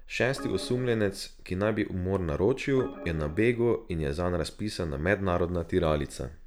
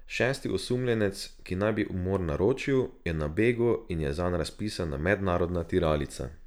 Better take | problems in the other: second | background sound (Organ); 14 dB below the speech

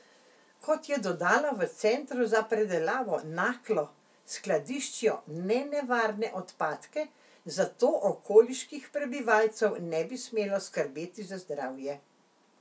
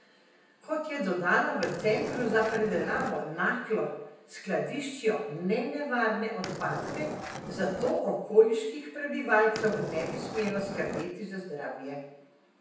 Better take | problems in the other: first | background sound (Skateboard); 7 dB below the speech // room echo; dies away in 0.9 s

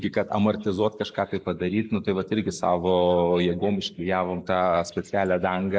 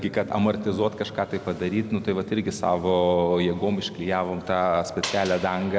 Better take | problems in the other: second | noise reduction (neural mask model Resemble Enhance denoiser)

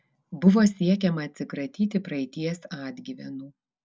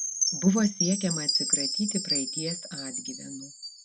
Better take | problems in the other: first | background sound (Chime); as loud as the speech

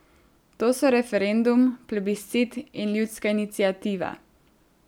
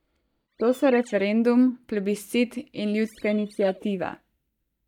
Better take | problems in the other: first | noise reduction (neural mask model DeepFilterNet 3)

